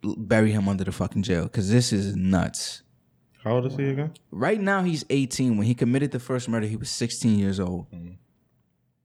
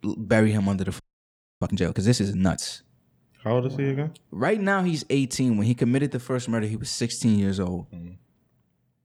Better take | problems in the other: first | audio freezing; at 1 s for 0.5 s

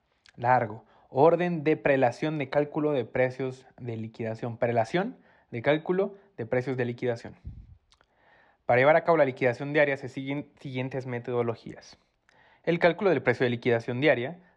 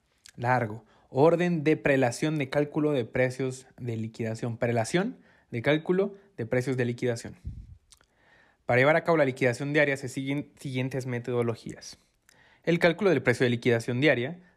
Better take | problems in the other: second | muffled; slightly; fading above 3.5 kHz

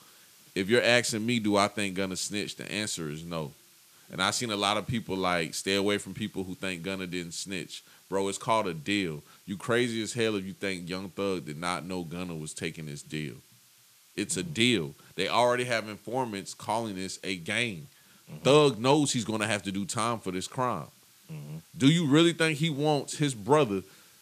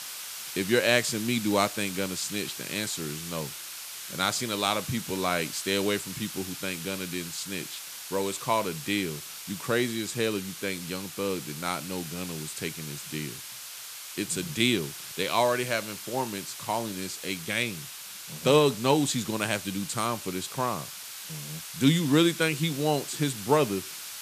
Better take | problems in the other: first | hiss; loud; throughout; 9 dB below the speech; faint in the first

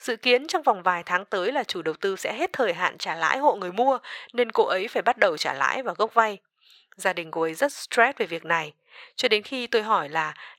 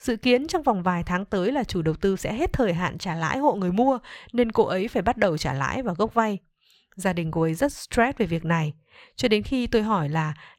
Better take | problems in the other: second | thin; somewhat; fading below 500 Hz

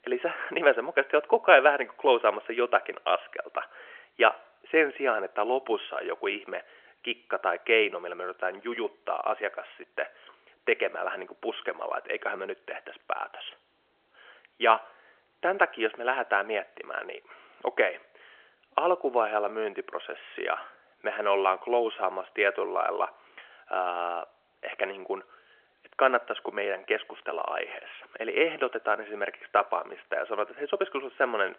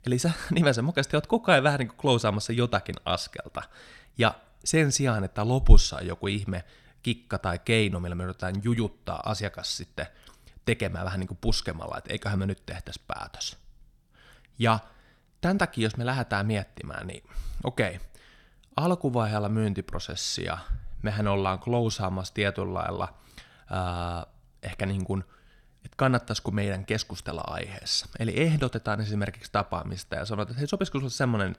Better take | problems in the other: second | phone-call audio; nothing above 3.5 kHz

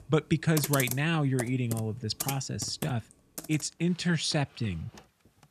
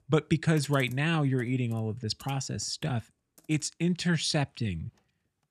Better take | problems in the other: second | household noises; loud; throughout; 8 dB below the speech; faint in the second

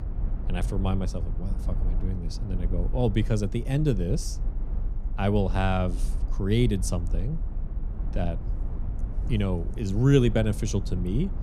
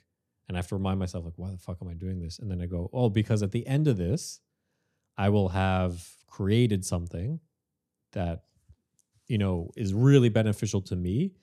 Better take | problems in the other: second | low rumble; noticeable; throughout; 15 dB below the speech

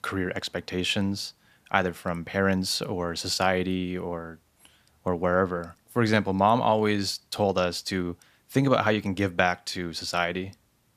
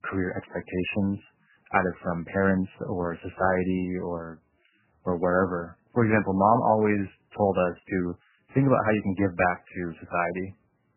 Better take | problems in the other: first | garbled, watery; badly; nothing above 3 kHz

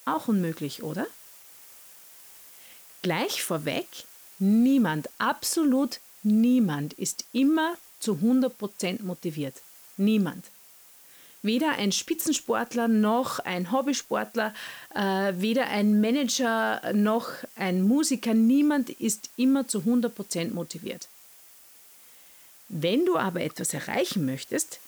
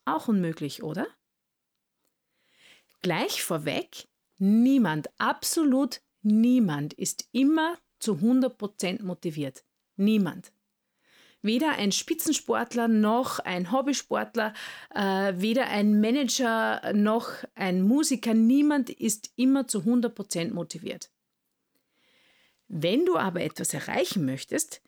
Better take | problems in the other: second | hiss; faint; throughout; 20 dB below the speech

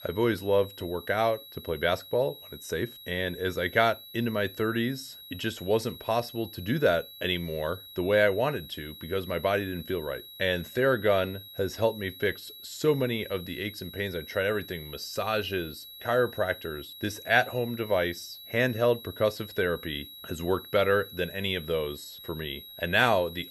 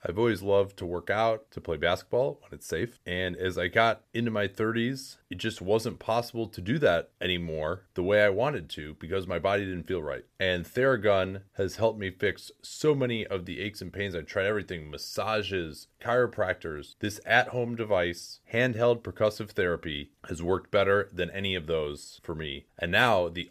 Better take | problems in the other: second | high-pitched whine; noticeable; throughout; 4 kHz, 15 dB below the speech

